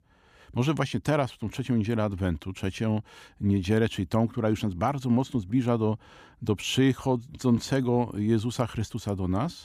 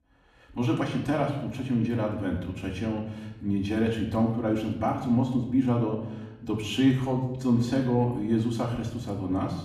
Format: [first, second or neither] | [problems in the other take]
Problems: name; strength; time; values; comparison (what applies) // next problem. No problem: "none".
first | off-mic speech; far // room echo; noticeable; dies away in 0.9 s